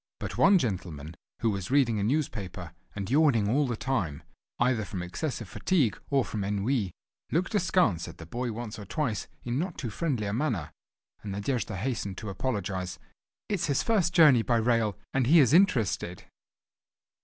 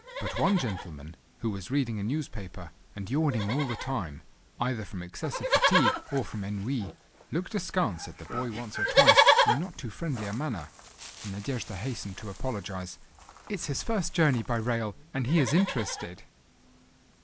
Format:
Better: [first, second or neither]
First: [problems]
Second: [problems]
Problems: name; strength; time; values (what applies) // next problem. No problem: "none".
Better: first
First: none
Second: background sound (Livestock, farm animals, working animals); 1 dB below the speech